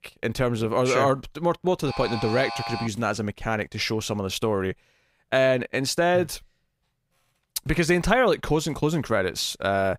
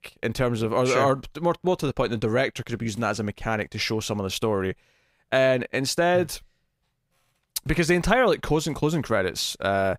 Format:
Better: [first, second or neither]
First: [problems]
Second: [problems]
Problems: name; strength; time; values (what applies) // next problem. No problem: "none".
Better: second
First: alarm; noticeable; from 2 to 3 s; peak 7 dB below the speech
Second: none